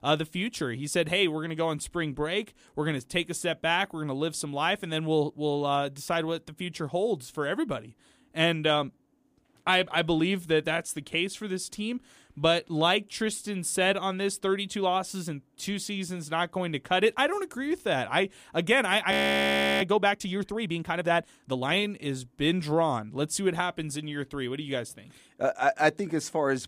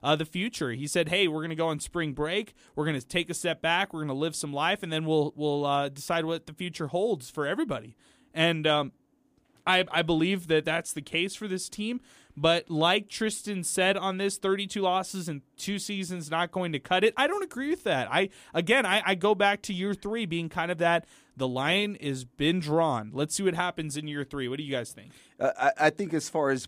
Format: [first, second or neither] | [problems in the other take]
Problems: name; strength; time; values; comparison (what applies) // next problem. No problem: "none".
second | audio freezing; at 19 s for 0.5 s